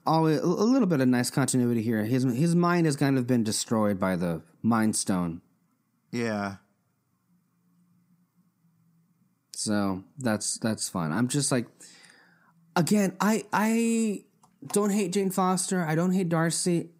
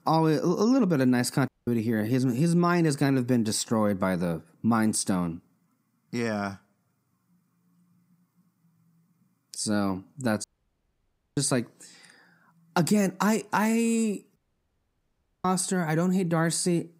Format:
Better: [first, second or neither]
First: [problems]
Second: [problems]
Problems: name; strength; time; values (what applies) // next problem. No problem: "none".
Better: first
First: none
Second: audio cutting out; at 1.5 s, at 10 s for 1 s and at 14 s for 1 s